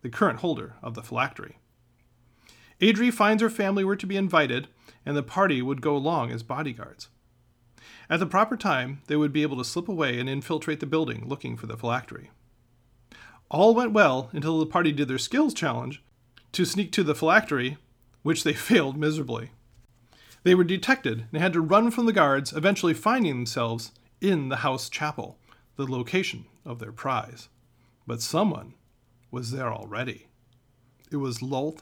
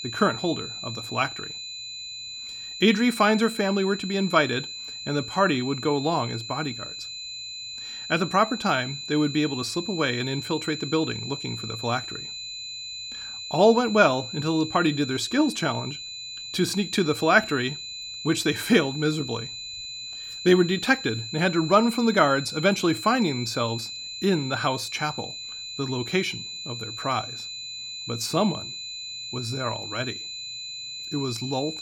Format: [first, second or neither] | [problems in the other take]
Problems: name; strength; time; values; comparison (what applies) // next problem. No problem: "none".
first | high-pitched whine; loud; throughout; 4 kHz, 9 dB below the speech